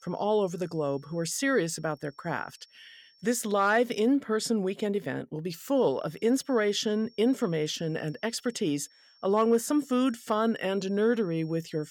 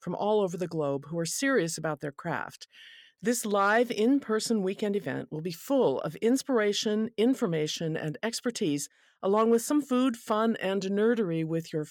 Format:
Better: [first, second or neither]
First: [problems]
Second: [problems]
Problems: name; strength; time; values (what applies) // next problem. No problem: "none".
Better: second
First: high-pitched whine; faint; until 3.5 s and from 6 s on; 5.5 kHz, 30 dB below the speech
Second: none